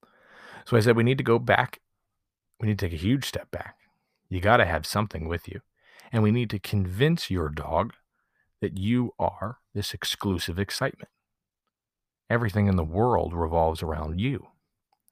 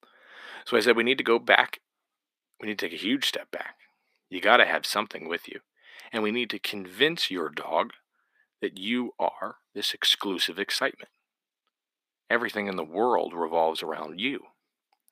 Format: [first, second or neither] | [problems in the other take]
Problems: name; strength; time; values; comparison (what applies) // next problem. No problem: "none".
first | thin; somewhat; fading below 300 Hz